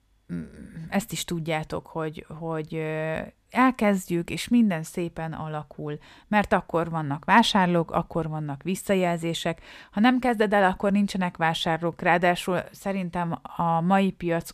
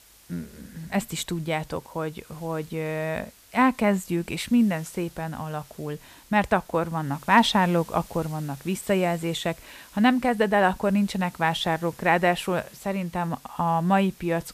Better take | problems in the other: first | hiss; faint; throughout; 25 dB below the speech

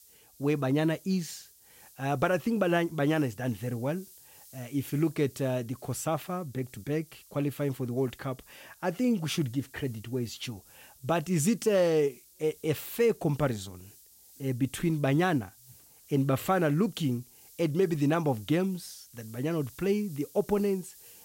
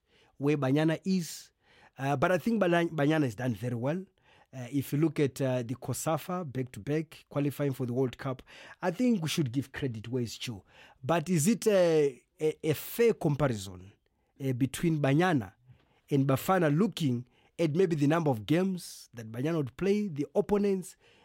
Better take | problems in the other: second | hiss; faint; throughout; 25 dB below the speech

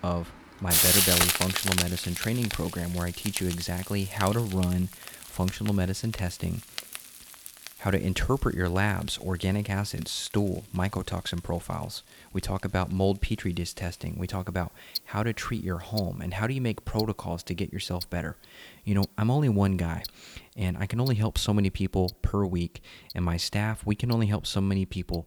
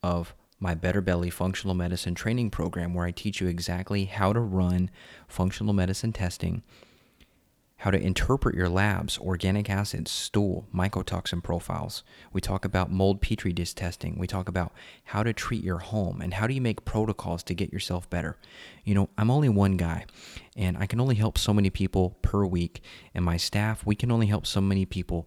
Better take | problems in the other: second | household noises; loud; throughout; as loud as the speech

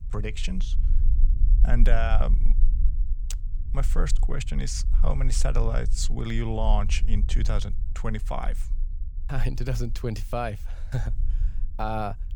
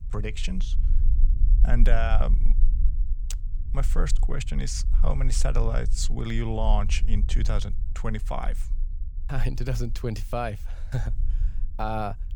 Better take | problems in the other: neither | low rumble; noticeable; throughout; 15 dB below the speech; the same in both

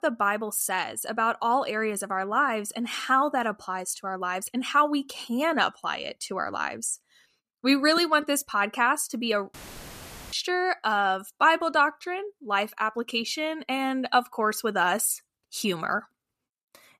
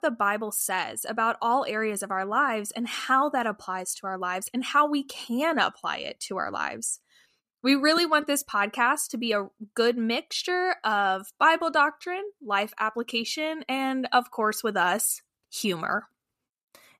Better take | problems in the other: second | audio cutting out; filled with static; at 9.5 s for 1 s

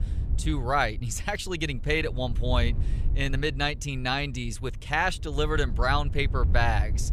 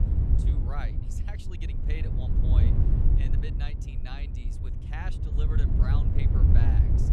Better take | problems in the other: first | wind noise on the microphone; heavy; 2 dB above the speech; occasional gusts in the first

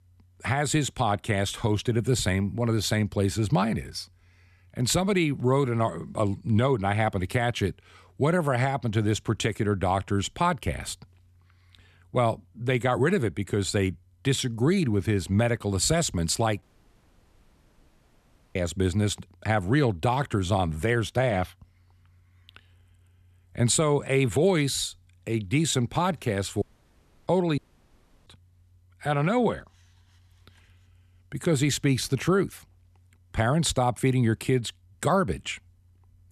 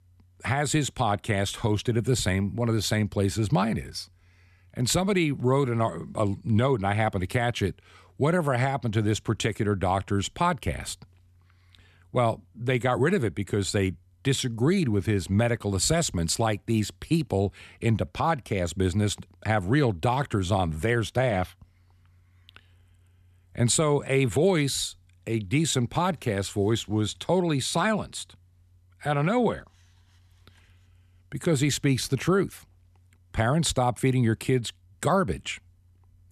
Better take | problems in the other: second | audio cutting out; at 17 s for 2 s, at 27 s for 0.5 s and at 28 s for 0.5 s

